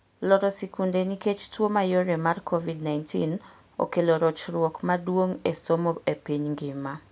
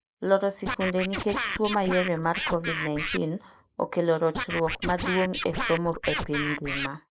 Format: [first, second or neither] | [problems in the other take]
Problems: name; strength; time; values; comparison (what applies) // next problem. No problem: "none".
first | noise reduction (neural mask model Resemble Enhance denoiser)